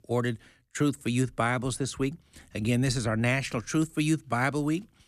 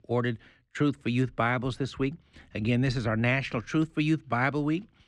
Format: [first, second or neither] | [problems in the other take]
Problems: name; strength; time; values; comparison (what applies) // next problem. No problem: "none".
first | muffled; slightly; fading above 3 kHz